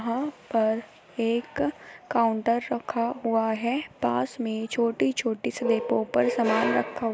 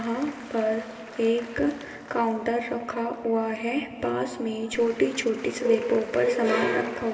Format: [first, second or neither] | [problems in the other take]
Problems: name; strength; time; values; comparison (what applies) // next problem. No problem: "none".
first | background sound (Applause / Crowd); 19 dB below the speech // room echo; dies away in 2.4 s